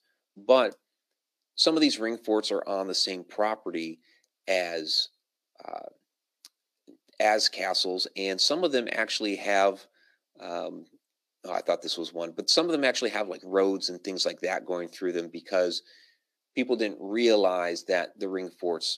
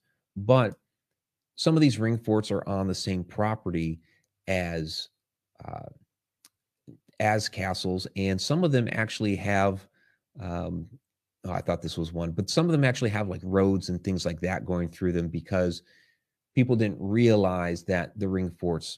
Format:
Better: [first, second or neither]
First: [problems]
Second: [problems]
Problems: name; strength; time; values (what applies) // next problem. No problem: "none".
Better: second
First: thin; somewhat; fading below 300 Hz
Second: none